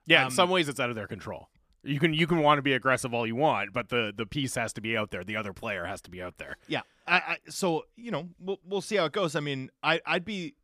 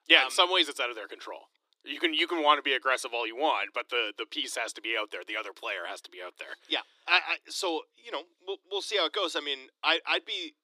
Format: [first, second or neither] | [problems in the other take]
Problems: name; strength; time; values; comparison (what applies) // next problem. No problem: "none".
first | thin; very; fading below 300 Hz